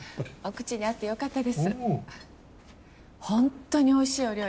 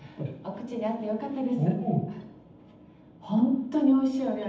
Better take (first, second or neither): first